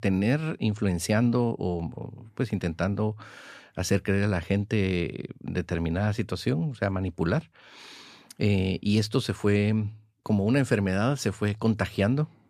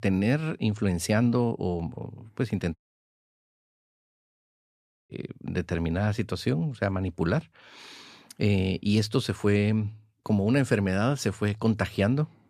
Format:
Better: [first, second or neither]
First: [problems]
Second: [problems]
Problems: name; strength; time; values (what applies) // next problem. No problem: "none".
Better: first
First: none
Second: audio cutting out; at 3 s for 2.5 s